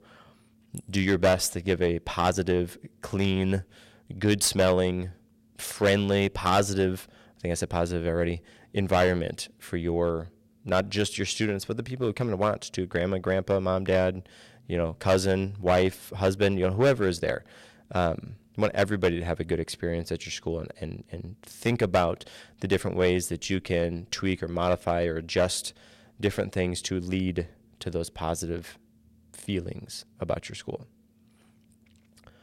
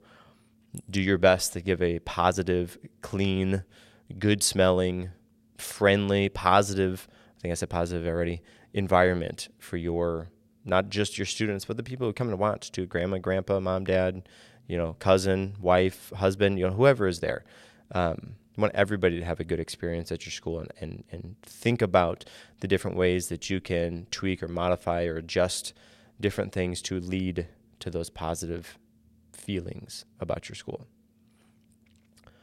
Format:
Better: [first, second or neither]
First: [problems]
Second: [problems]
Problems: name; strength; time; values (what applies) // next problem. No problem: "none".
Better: second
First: distortion; slight; 3% of the sound clipped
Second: none